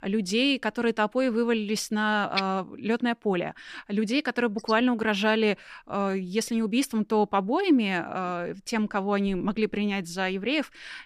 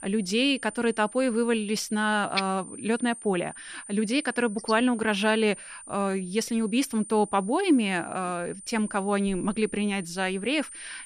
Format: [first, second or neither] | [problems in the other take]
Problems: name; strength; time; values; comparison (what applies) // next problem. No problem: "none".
first | high-pitched whine; noticeable; throughout; 9 kHz, 15 dB below the speech